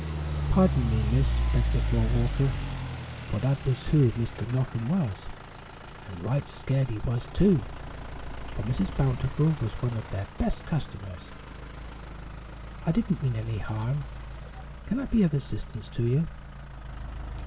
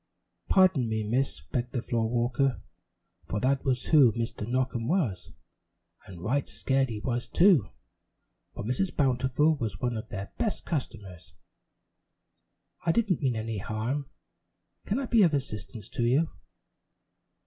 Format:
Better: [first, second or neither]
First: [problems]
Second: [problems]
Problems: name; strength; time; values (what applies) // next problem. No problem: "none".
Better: second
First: background sound (Idling / Truck); 5 dB below the speech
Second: none